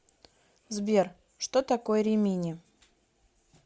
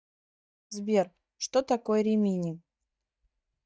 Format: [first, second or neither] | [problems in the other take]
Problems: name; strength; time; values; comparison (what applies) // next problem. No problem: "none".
first | noise reduction (neural mask model DeepFilterNet 3)